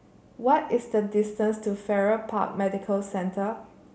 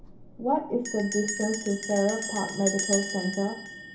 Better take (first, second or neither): first